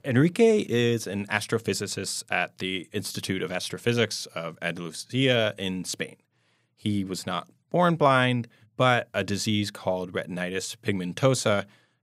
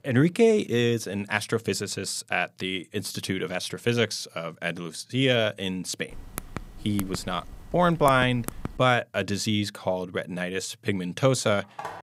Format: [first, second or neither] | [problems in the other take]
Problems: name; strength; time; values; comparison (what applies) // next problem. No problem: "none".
first | keyboard typing; faint; from 6 to 9 s; peak 10 dB below the speech // phone ringing; faint; at 11 s; peak 15 dB below the speech